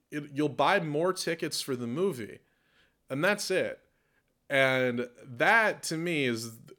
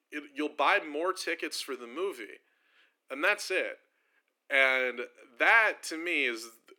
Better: first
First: none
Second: thin; somewhat; fading below 300 Hz

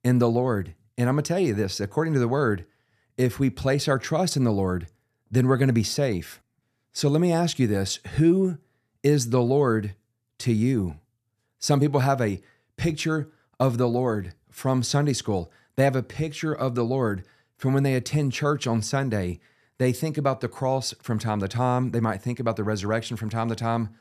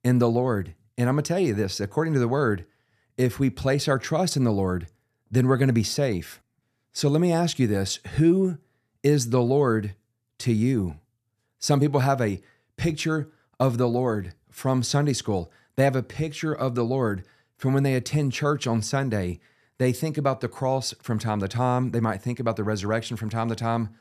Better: neither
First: none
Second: none

